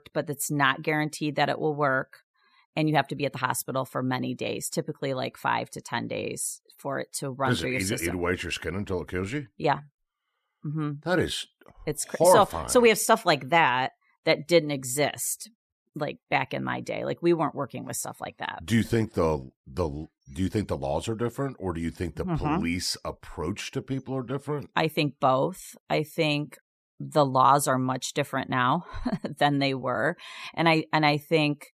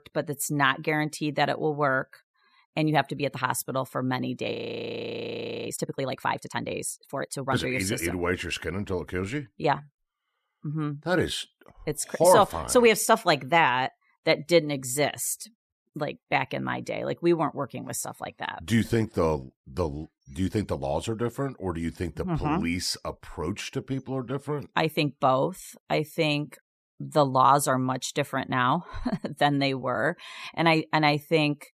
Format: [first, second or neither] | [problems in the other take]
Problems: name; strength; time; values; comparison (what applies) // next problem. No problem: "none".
first | audio freezing; at 4.5 s for 1 s